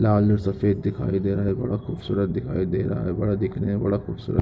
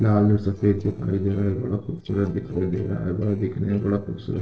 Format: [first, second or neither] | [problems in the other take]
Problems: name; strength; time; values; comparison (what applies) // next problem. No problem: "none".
first | noise reduction (neural separator model SepFormer DNS4)